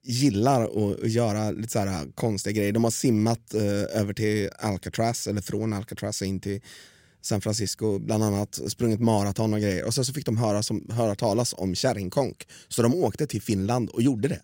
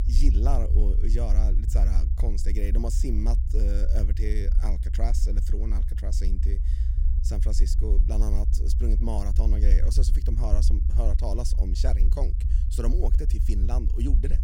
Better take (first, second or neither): first